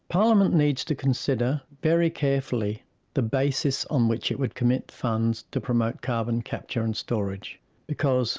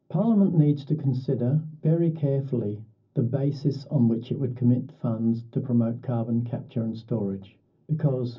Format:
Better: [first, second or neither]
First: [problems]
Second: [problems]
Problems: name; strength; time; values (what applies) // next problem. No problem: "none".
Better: first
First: none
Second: room echo; dies away in 0.4 s